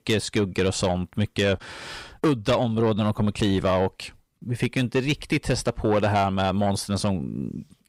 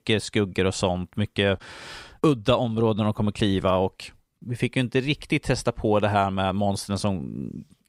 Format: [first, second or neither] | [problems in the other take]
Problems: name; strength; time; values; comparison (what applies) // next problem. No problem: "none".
second | distortion; slight; 10 dB below the speech